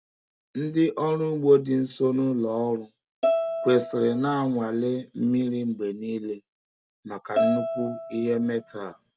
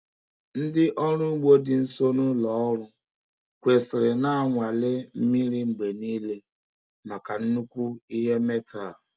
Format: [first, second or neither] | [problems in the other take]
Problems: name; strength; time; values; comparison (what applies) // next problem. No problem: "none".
second | background sound (Bowed string instrument); 3 dB below the speech